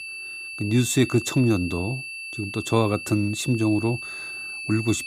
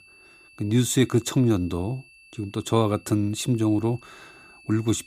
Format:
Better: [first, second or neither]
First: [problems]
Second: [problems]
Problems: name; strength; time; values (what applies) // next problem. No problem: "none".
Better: second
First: high-pitched whine; loud; throughout; 2.5 kHz, 9 dB below the speech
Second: high-pitched whine; faint; throughout; 2.5 kHz, 25 dB below the speech